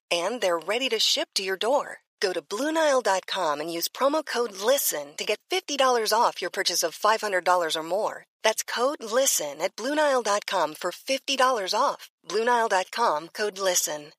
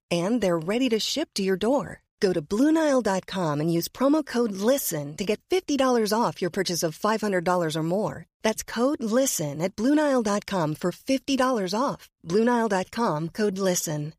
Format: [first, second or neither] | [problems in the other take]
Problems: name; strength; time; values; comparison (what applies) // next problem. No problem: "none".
second | thin; very; fading below 700 Hz